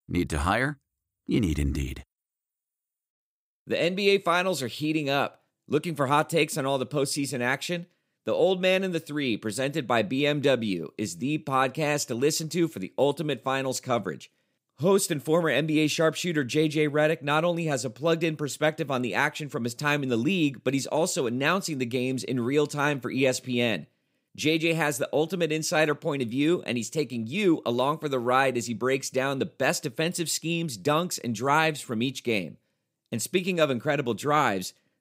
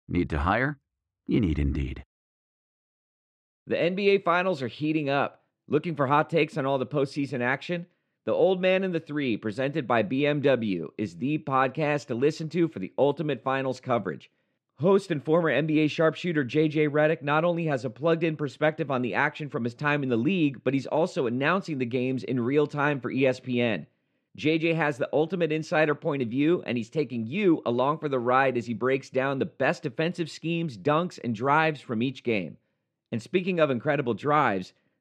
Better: first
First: none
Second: muffled; slightly; fading above 2.5 kHz

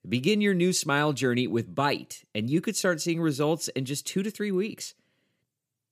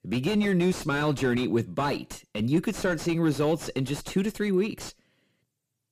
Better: first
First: none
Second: distortion; heavy; 7 dB below the speech

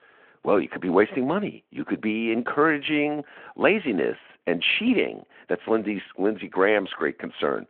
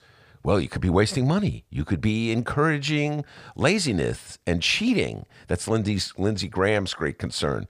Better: second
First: phone-call audio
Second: none

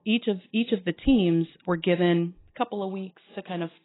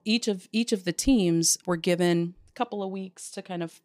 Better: second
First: garbled, watery; badly; nothing above 4 kHz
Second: none

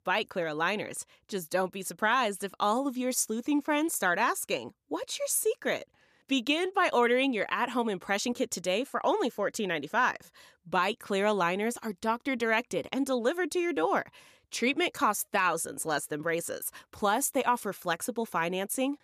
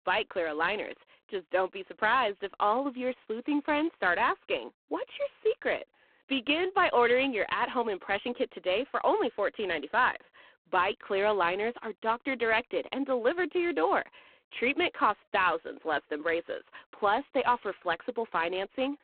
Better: first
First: none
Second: phone-call audio; poor line

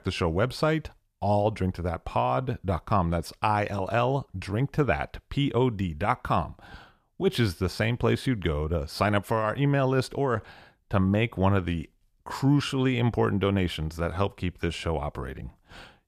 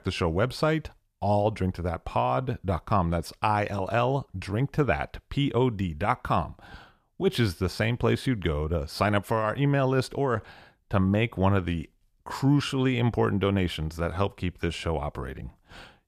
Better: neither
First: none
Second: none

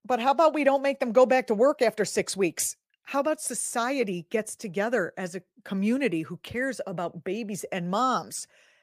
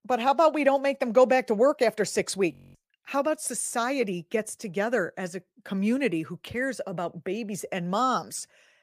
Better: first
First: none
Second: audio freezing; at 2.5 s

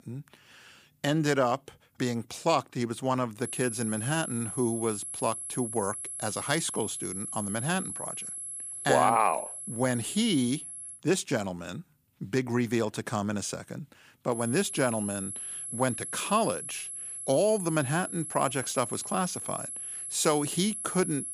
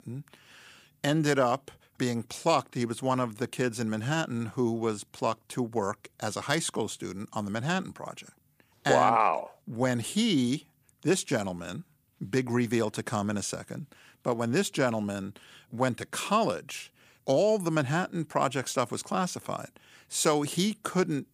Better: second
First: high-pitched whine; loud; from 3.5 to 11 s and from 14 s on; 11 kHz, 6 dB below the speech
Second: none

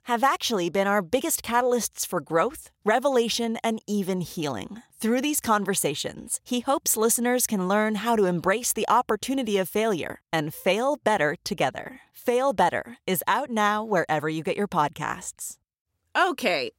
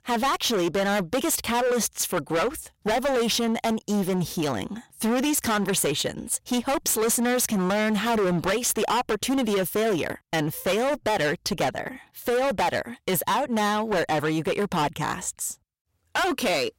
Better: first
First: none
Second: distortion; heavy; 23% of the sound clipped

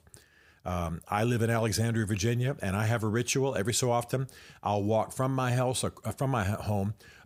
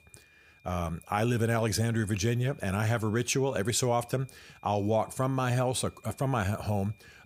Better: first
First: none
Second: high-pitched whine; faint; throughout; 2.5 kHz, 30 dB below the speech

